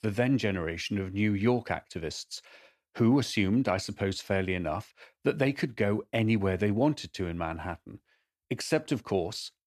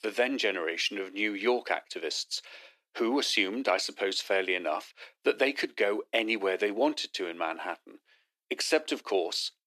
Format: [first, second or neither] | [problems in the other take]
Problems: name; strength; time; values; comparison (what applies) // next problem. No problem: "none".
first | thin; somewhat; fading below 300 Hz